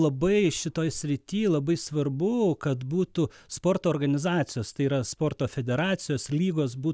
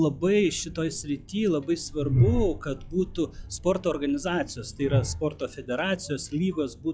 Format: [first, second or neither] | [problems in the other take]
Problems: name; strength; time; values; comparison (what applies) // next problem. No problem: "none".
first | noise reduction (classical method log-MMSE)